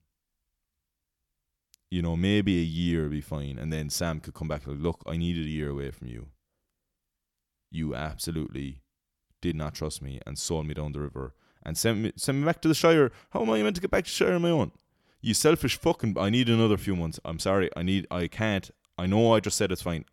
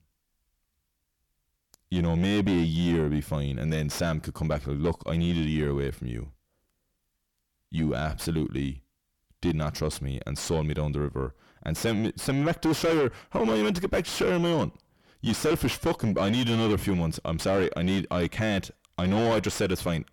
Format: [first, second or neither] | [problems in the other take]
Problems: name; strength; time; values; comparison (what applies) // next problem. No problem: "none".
first | distortion; heavy; 5 dB below the speech